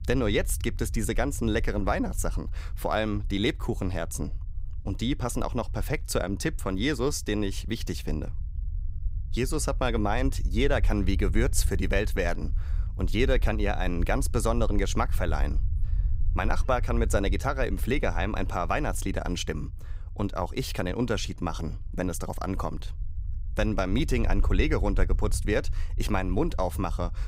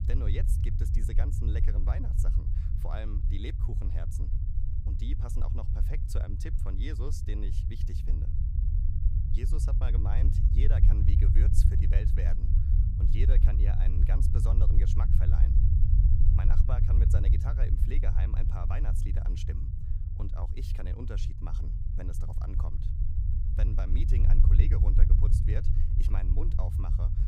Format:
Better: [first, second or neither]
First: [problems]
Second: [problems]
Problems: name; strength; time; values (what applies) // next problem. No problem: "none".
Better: first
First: low rumble; faint; throughout; 25 dB below the speech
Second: low rumble; loud; throughout; as loud as the speech